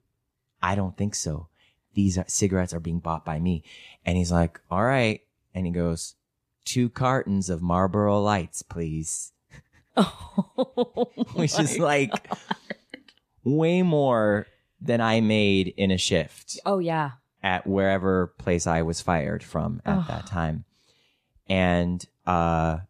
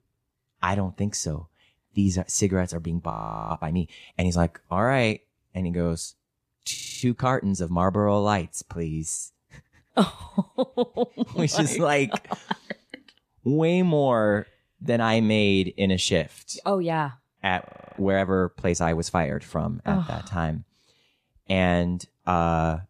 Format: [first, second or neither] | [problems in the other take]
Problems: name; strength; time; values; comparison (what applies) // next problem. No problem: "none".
first | audio freezing; at 3 s, at 7 s and at 18 s